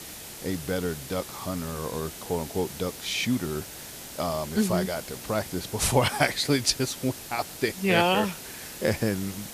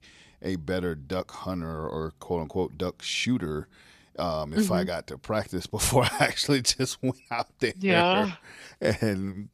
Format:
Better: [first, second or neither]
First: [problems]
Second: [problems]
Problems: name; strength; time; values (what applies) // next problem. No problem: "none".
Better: second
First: hiss; noticeable; throughout; 10 dB below the speech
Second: none